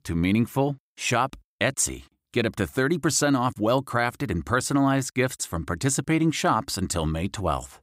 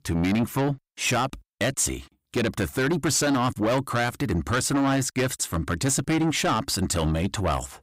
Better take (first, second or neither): first